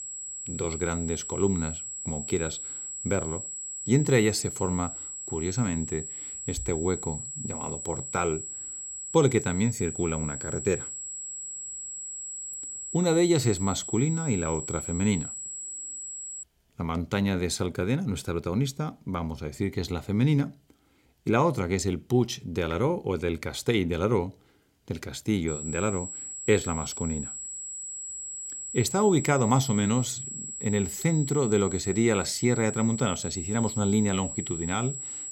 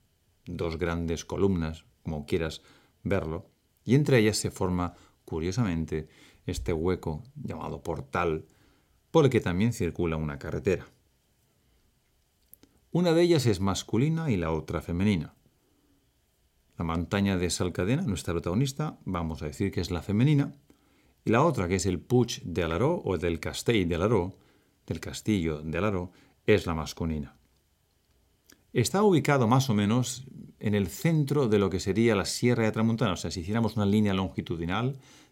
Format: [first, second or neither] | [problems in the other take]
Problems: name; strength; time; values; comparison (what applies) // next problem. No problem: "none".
second | high-pitched whine; loud; until 16 s and from 25 s on; 7.5 kHz, 7 dB below the speech